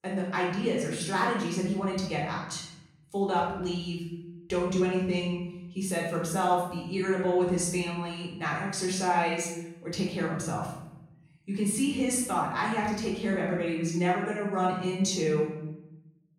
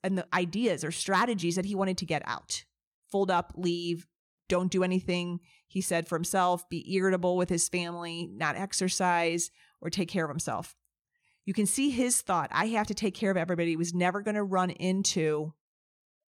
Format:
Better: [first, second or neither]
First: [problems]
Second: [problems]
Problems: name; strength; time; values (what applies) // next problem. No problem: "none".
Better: second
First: off-mic speech; far // room echo; noticeable; dies away in 0.9 s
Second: none